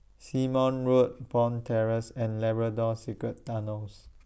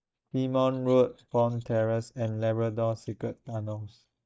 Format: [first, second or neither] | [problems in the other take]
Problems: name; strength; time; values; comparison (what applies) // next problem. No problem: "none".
first | noise reduction (neural mask model DeepFilterNet 3)